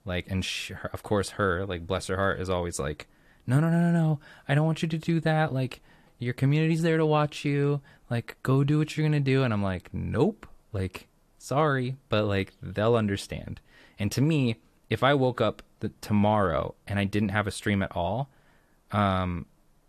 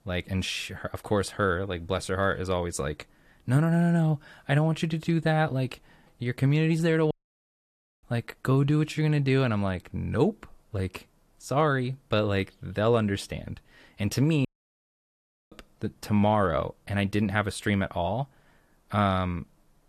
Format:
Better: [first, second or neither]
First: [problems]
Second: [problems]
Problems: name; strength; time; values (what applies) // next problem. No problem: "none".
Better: first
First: none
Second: audio cutting out; at 7 s for 1 s and at 14 s for 1 s